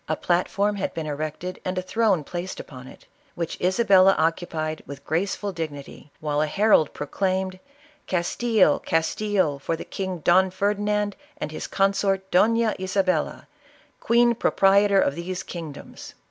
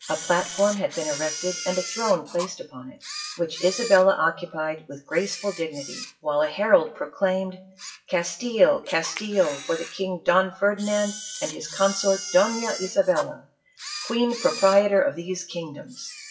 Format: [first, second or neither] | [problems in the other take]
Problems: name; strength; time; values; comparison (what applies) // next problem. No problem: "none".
first | noise reduction (classical method WPE with log-MMSE)